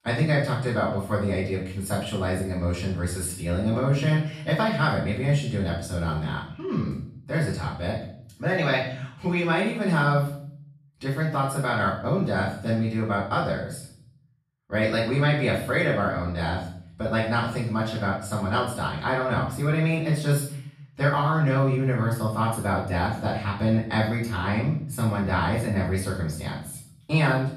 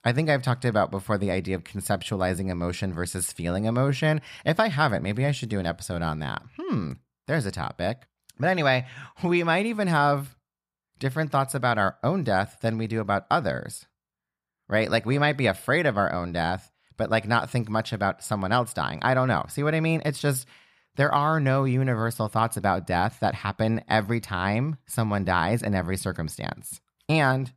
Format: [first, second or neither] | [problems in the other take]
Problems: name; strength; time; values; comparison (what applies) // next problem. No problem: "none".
second | off-mic speech; far // room echo; noticeable; dies away in 0.6 s